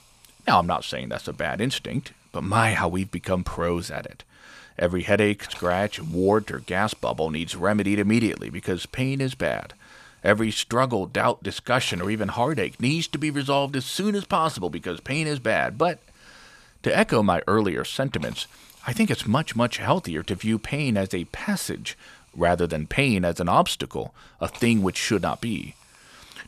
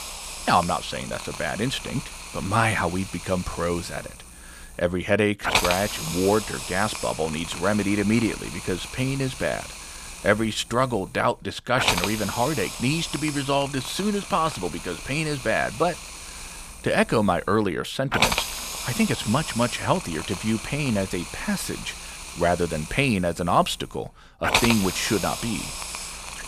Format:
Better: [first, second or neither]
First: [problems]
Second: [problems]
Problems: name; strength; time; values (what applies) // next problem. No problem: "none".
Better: first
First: hiss; faint; throughout; 30 dB below the speech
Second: hiss; loud; throughout; 5 dB below the speech